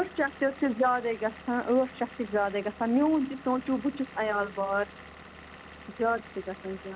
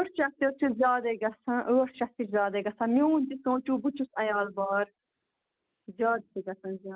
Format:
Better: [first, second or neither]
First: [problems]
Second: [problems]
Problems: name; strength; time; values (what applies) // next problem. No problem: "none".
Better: second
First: background sound (Engine / Vehicle); 18 dB below the speech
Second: none